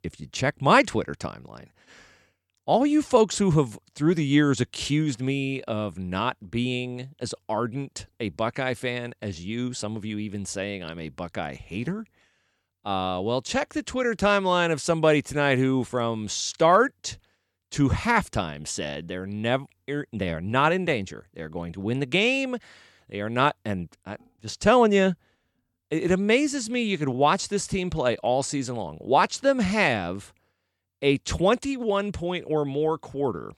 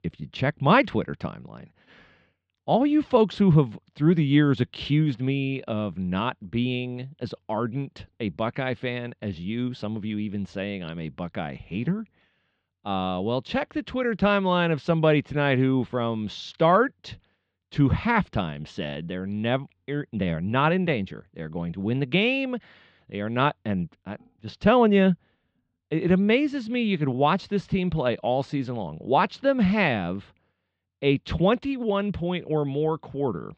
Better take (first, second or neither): first